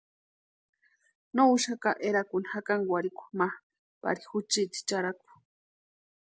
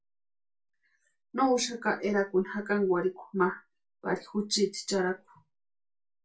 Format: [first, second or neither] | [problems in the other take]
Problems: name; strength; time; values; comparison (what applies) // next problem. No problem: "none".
first | room echo; dies away in 0.2 s